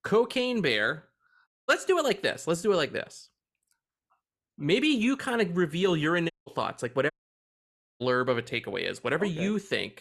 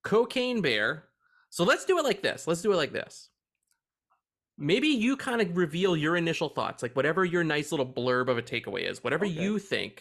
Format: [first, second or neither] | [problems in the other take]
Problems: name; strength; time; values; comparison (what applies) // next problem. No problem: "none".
second | audio cutting out; at 1.5 s, at 6.5 s and at 7 s for 1 s